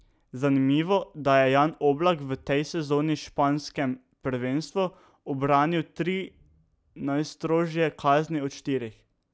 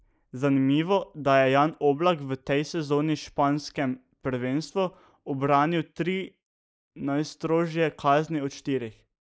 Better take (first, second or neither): first